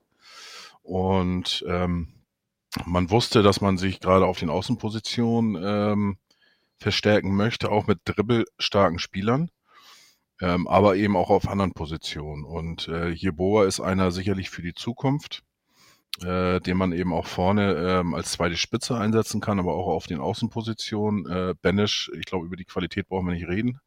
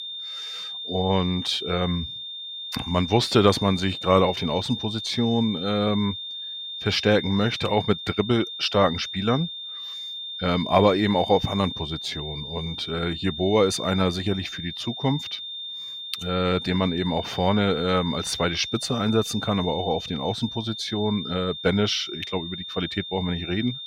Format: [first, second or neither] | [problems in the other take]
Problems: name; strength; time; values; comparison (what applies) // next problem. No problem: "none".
first | high-pitched whine; loud; throughout; 3.5 kHz, 8 dB below the speech